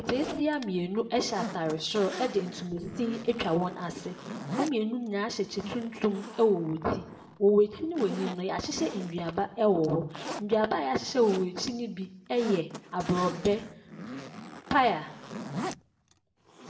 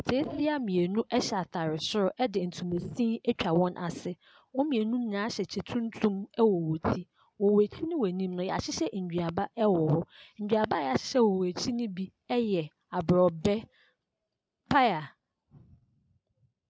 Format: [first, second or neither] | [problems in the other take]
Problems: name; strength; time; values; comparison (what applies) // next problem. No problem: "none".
second | background sound (Zipper (clothing)); 12 dB below the speech // room echo; dies away in 0.6 s